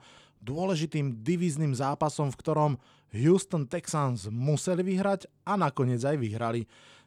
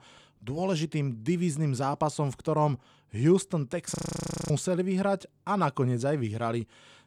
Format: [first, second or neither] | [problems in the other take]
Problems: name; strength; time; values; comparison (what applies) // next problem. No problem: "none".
first | audio freezing; at 4 s for 0.5 s